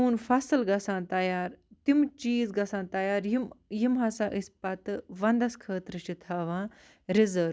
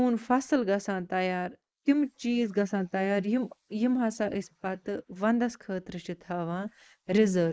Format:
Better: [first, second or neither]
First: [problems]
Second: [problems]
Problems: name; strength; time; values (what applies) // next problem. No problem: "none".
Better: first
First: none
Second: noise reduction (neural mask model Resemble Enhance denoiser)